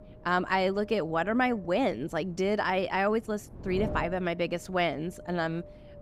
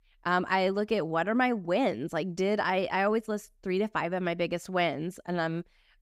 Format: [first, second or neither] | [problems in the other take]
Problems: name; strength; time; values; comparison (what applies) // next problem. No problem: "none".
second | wind noise on the microphone; occasional gusts; 20 dB below the speech